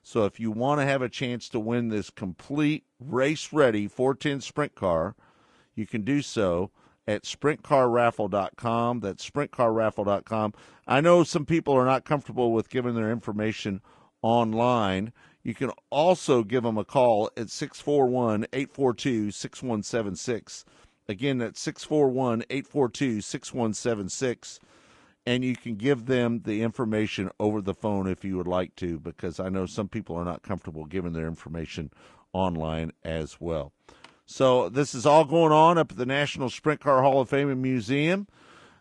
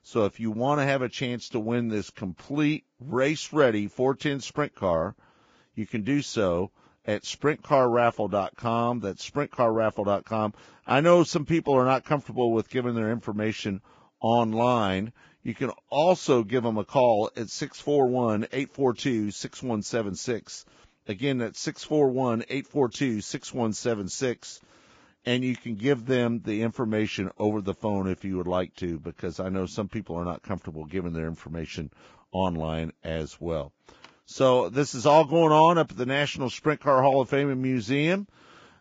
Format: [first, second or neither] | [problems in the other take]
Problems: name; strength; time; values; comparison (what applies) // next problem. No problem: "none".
first | garbled, watery; badly; nothing above 7.5 kHz; slightly in the first